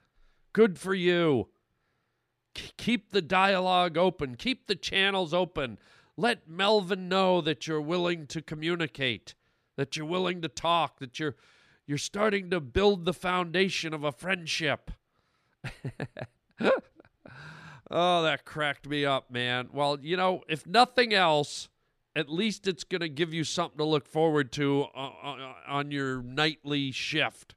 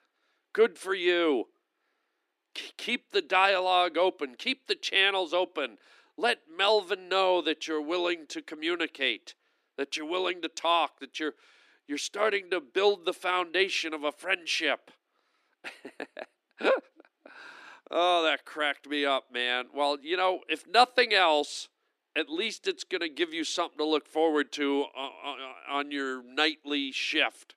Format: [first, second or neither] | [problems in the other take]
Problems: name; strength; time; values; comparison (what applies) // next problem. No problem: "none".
first | thin; somewhat; fading below 300 Hz